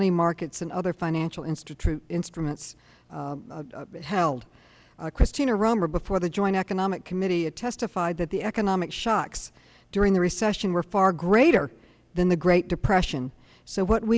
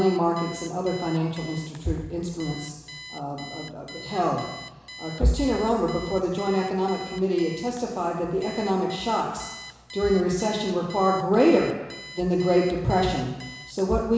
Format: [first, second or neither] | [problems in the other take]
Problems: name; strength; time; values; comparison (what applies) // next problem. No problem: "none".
first | background sound (Alarm); 18 dB below the speech // room echo; dies away in 1 s